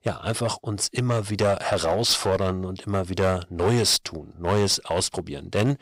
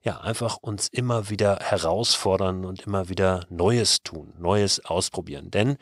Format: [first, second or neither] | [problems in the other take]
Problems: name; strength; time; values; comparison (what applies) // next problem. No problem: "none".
second | distortion; slight; 6% of the sound clipped